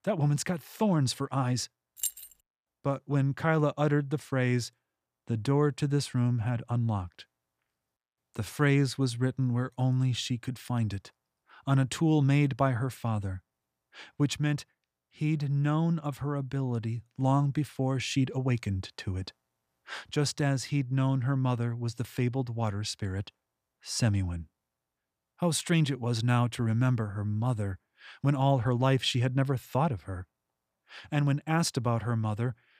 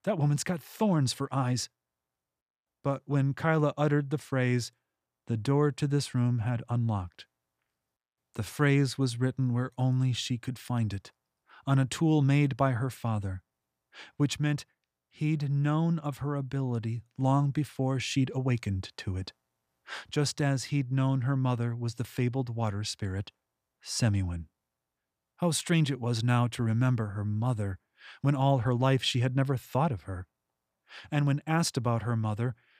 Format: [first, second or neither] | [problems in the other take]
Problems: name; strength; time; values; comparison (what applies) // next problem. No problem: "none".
second | jangling keys; noticeable; at 2 s; peak 4 dB below the speech